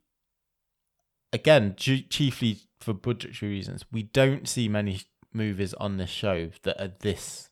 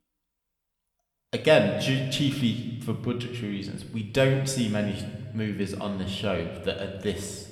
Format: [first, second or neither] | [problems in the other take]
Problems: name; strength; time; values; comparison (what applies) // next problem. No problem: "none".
first | room echo; slight; dies away in 1.2 s